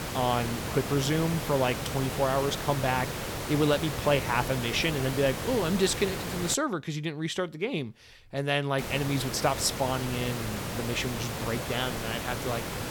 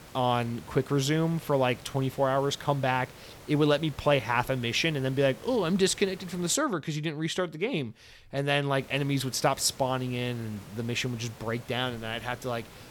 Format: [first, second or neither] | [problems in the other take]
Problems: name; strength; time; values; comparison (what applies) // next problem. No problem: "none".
second | hiss; loud; until 6.5 s and from 9 s on; 5 dB below the speech; faint in the second